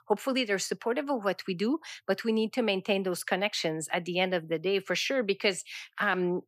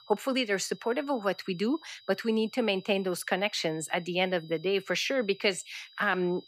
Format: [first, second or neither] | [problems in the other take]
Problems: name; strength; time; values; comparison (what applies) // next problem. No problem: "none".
first | high-pitched whine; faint; throughout; 4 kHz, 25 dB below the speech